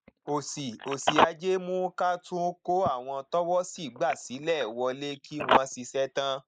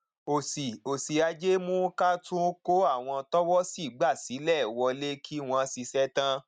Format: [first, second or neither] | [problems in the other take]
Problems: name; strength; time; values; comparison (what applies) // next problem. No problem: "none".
second | noise reduction (neural mask model Resemble Enhance denoiser)